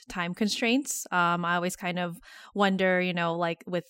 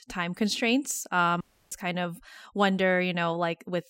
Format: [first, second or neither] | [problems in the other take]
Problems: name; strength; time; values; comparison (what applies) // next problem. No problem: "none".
first | audio cutting out; at 1.5 s